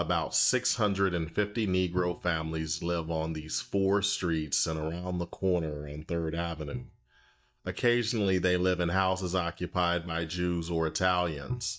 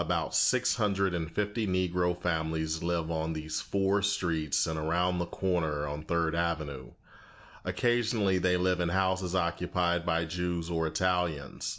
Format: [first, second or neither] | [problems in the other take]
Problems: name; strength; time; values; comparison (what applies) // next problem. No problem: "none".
second | noise reduction (neural mask model DeepFilterNet 3)